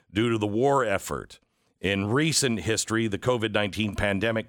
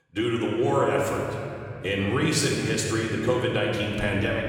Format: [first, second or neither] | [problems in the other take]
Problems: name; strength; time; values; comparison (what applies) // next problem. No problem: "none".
first | room echo; noticeable; dies away in 3 s // off-mic speech; somewhat distant